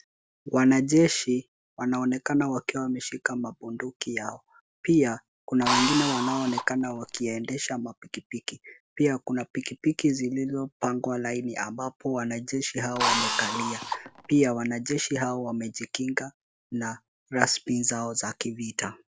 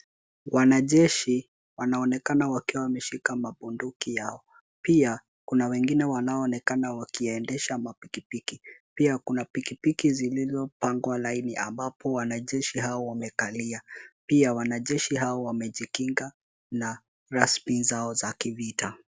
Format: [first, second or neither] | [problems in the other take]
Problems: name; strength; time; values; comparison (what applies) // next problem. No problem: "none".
second | background sound (Drill); 2 dB below the speech